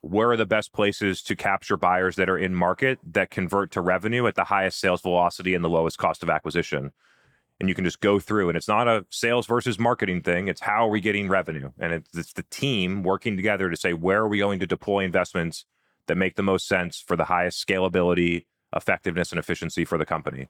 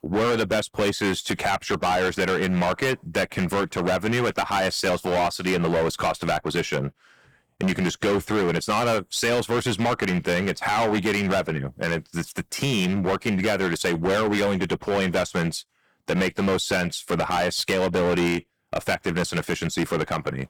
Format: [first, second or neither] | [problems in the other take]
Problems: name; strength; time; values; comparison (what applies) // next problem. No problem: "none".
first | distortion; heavy; 18% of the sound clipped